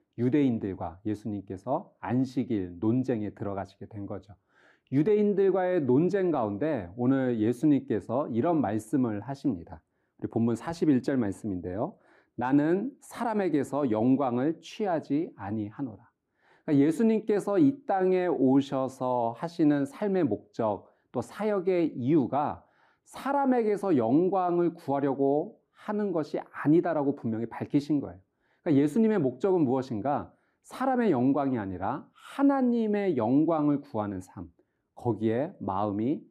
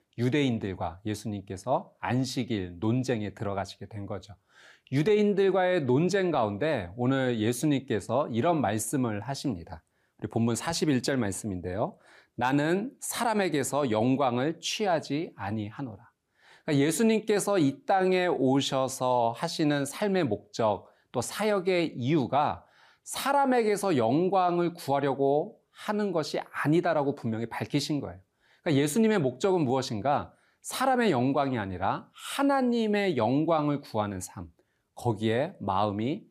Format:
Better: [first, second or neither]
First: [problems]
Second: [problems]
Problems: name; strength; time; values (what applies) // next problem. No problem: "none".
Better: second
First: muffled; slightly; fading above 2.5 kHz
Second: none